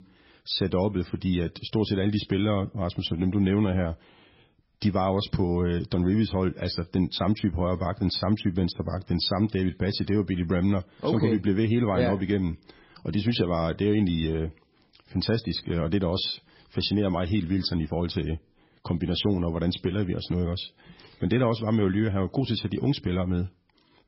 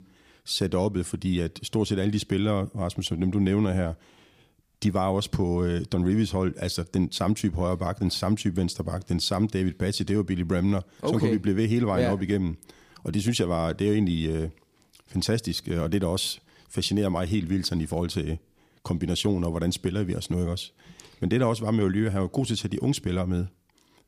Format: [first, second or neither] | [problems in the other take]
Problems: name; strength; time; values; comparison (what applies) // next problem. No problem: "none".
second | garbled, watery; badly; nothing above 5.5 kHz